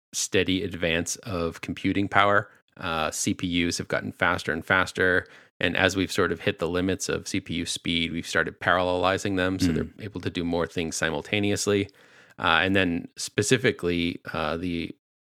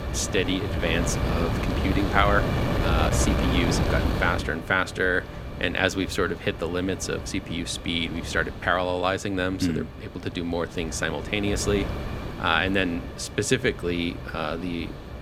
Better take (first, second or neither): first